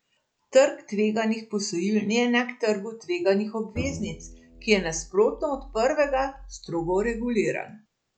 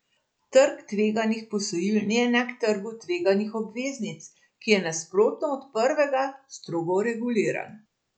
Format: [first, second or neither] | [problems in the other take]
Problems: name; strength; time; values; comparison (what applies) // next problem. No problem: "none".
second | background sound (Bowed string instrument); 15 dB below the speech